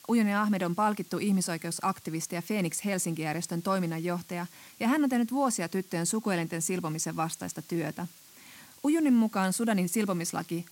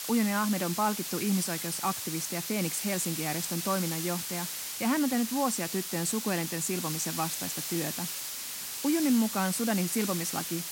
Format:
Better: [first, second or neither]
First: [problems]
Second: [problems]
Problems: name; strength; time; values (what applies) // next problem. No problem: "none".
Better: first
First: hiss; faint; throughout; 20 dB below the speech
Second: hiss; loud; throughout; 3 dB below the speech